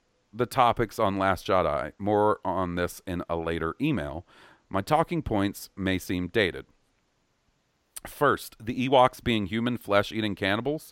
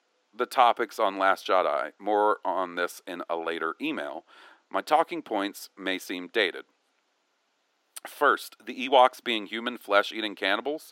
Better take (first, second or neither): first